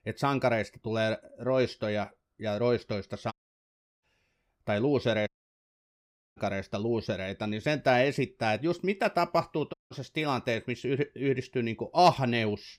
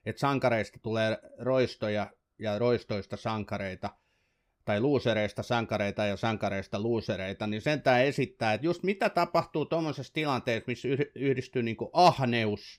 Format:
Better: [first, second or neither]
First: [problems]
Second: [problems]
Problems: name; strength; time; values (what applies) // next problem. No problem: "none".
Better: second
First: audio cutting out; at 3.5 s for 0.5 s, at 5.5 s for 1 s and at 9.5 s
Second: none